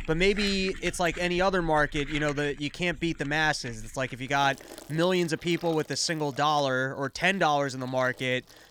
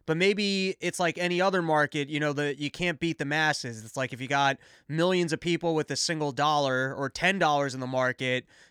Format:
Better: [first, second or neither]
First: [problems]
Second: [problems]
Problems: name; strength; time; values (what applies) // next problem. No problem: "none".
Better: second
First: household noises; noticeable; throughout; 15 dB below the speech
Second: none